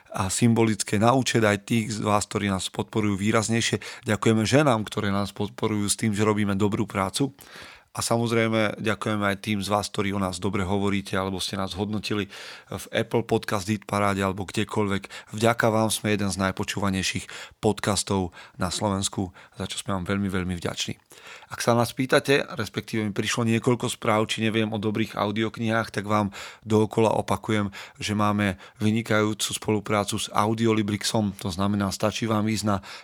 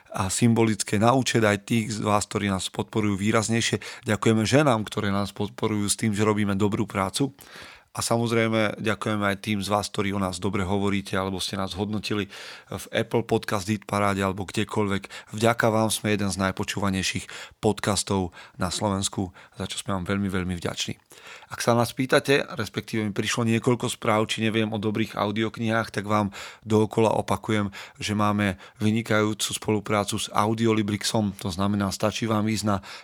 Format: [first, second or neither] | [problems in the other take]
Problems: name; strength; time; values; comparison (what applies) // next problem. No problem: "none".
neither | none